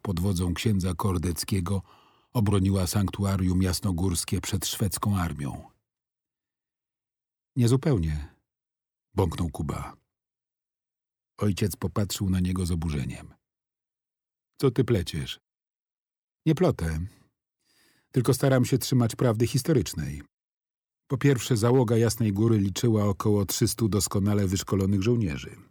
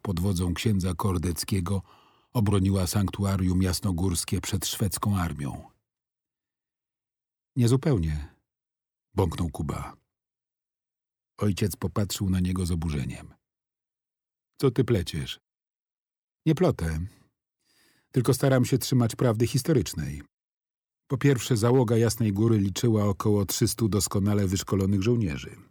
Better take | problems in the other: neither | none

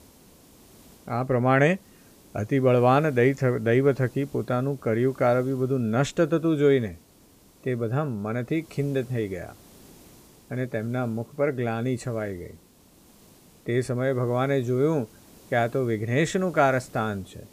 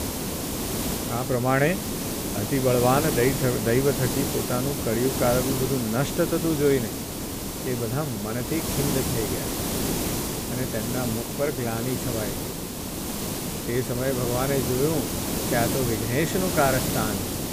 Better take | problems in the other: first | hiss; loud; throughout; 2 dB below the speech; faint in the first

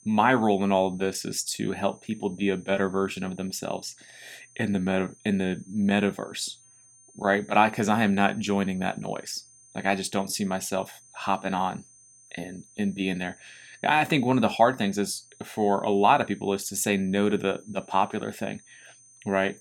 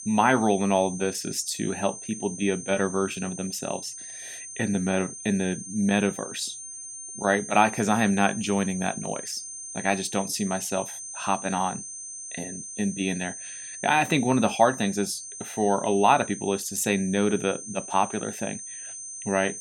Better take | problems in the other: first | high-pitched whine; loud; throughout; 6.5 kHz, 10 dB below the speech; faint in the first

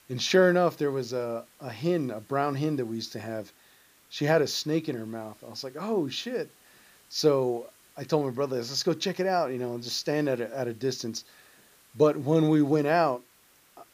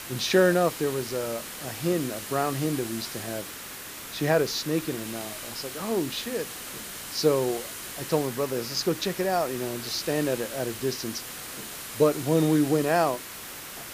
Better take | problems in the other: first | hiss; loud; throughout; 9 dB below the speech; faint in the first

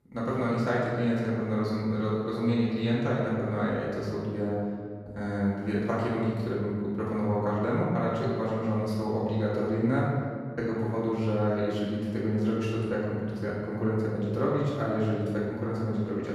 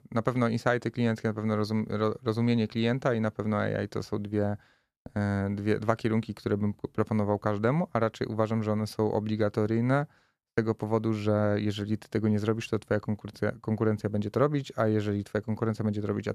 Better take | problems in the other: second | room echo; strong; dies away in 1.8 s // off-mic speech; far

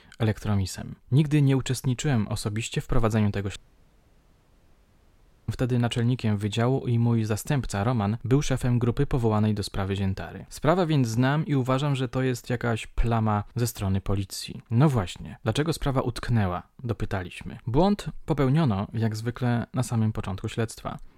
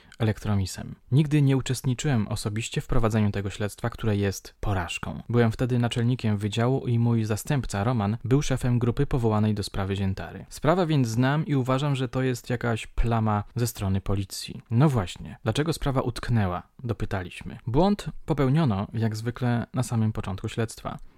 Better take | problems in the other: second | audio cutting out; at 3.5 s for 2 s

